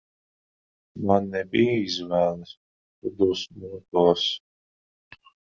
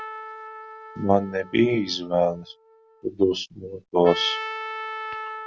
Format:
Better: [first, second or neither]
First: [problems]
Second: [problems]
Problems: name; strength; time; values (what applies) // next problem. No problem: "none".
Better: first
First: none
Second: background sound (Trumpet); 11 dB below the speech